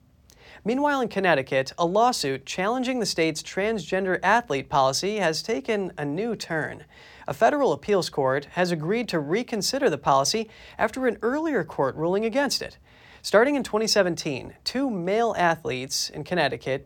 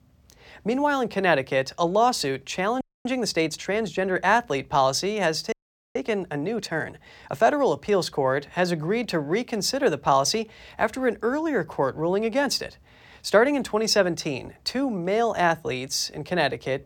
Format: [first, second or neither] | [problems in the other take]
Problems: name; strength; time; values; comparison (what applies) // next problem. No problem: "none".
first | audio freezing; at 3 s and at 5.5 s